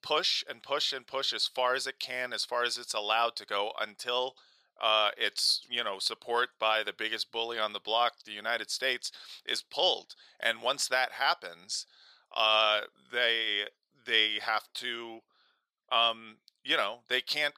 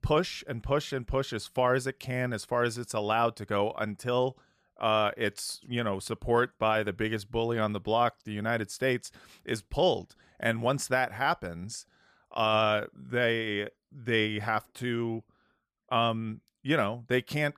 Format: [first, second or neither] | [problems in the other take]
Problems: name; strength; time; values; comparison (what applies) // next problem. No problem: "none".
second | thin; very; fading below 600 Hz